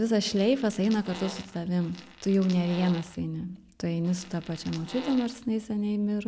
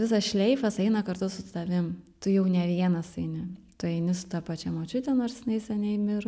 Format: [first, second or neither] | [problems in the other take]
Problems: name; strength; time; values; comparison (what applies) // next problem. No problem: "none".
second | background sound (Fart); 16 dB below the speech